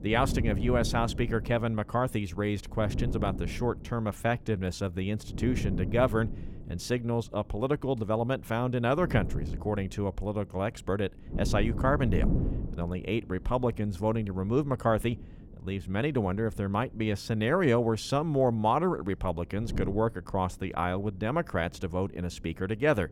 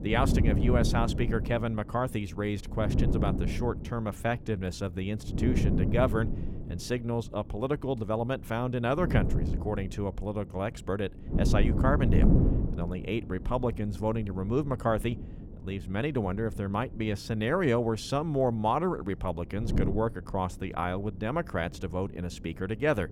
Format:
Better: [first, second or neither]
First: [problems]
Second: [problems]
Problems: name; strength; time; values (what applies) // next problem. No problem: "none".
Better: first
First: wind noise on the microphone; occasional gusts; 15 dB below the speech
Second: wind noise on the microphone; heavy; 7 dB below the speech